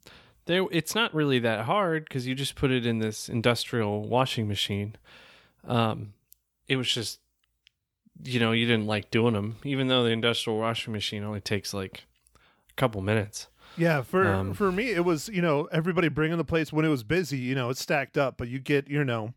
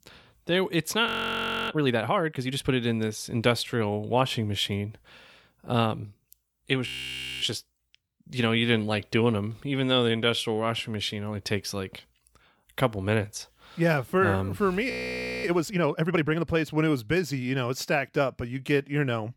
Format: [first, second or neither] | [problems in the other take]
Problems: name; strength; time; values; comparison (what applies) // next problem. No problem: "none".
first | audio freezing; at 1 s for 0.5 s, at 7 s for 0.5 s and at 15 s for 0.5 s